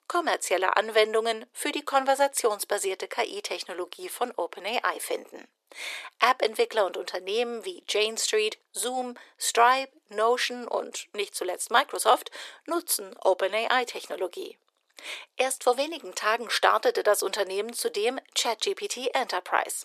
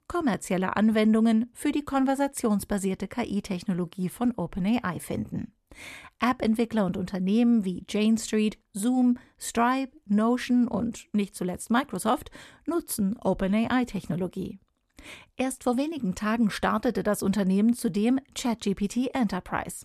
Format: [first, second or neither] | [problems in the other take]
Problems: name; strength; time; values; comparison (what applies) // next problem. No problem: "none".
second | thin; very; fading below 400 Hz